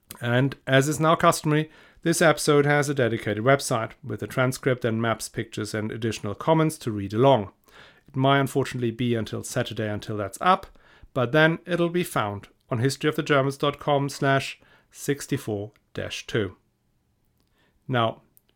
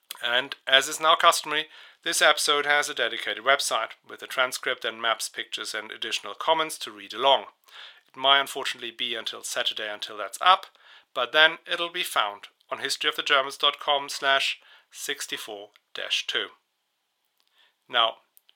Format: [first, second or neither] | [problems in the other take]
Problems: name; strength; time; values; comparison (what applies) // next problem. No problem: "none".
first | thin; very; fading below 850 Hz